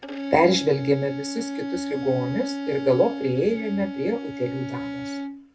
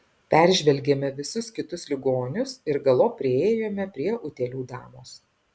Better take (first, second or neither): second